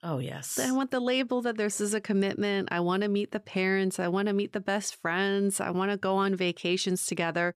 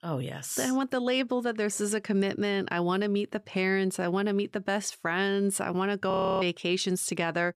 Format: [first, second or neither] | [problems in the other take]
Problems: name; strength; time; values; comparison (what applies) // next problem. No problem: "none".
first | audio freezing; at 6 s